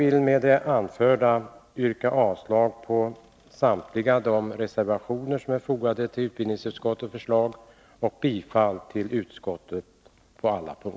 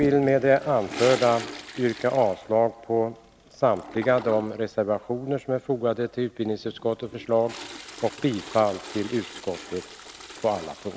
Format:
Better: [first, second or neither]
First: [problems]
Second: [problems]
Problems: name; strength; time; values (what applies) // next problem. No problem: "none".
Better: first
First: none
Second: background sound (Toilet flush); 15 dB below the speech